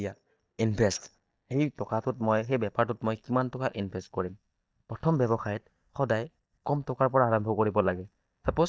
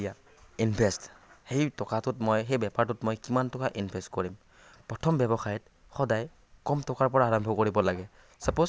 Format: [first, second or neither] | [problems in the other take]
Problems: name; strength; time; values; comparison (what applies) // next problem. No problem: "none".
second | noise reduction (neural mask model DeepFilterNet 3)